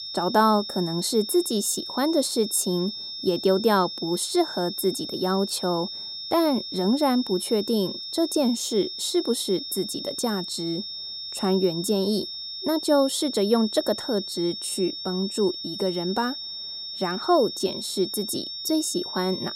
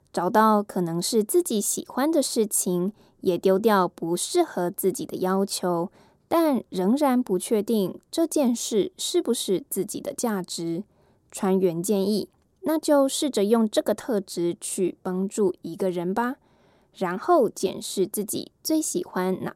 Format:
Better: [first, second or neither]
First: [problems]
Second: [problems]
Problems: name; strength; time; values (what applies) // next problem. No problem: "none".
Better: second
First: high-pitched whine; loud; throughout; 5.5 kHz, 7 dB below the speech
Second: none